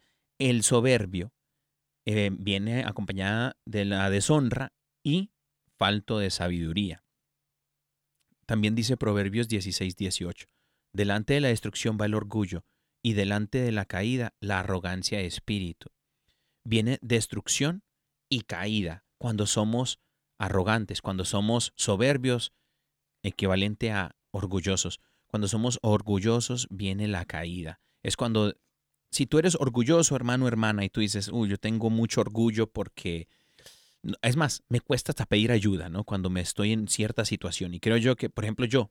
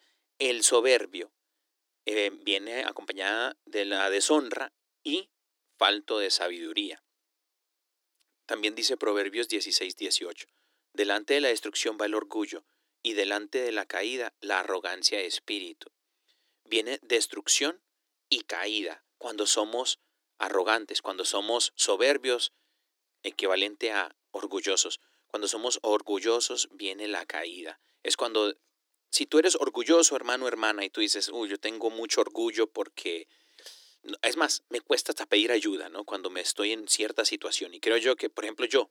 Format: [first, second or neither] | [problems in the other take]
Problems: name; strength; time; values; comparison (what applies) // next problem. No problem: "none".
first | thin; very; fading below 300 Hz